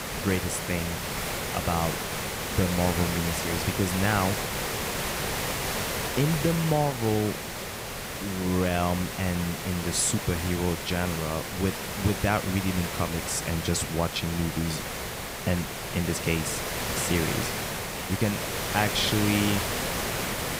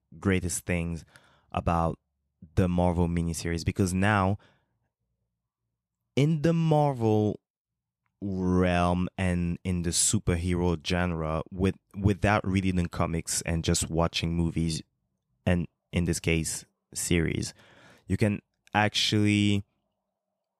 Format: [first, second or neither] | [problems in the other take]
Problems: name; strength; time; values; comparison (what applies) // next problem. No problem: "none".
second | hiss; loud; throughout; 2 dB below the speech